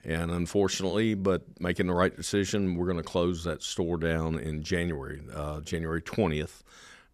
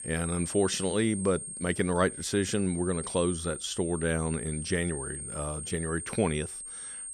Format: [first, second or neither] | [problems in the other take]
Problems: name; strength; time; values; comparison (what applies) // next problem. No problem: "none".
first | high-pitched whine; loud; throughout; 8.5 kHz, 7 dB below the speech